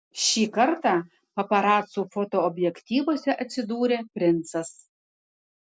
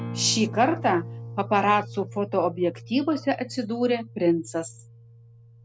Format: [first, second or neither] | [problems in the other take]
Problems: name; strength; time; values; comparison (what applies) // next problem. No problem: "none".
first | background sound (Acoustic guitar); 13 dB below the speech